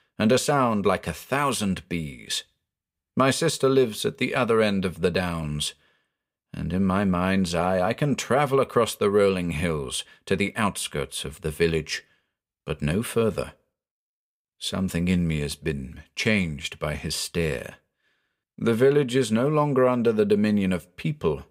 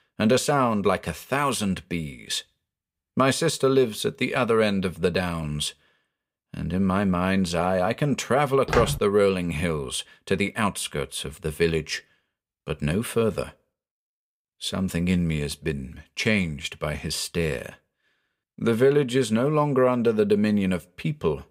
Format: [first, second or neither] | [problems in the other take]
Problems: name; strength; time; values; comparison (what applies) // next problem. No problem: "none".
first | footsteps; noticeable; at 8.5 s; peak 3 dB below the speech